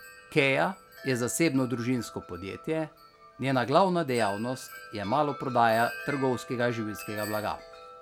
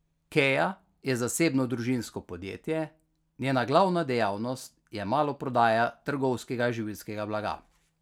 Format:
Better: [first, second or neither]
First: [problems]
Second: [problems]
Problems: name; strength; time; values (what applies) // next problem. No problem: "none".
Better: second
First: background sound (Wind chime); 16 dB below the speech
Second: none